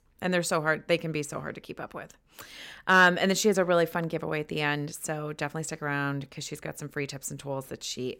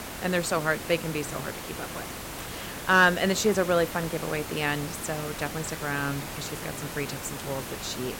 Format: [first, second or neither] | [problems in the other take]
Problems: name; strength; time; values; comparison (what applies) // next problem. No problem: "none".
first | hiss; loud; throughout; 8 dB below the speech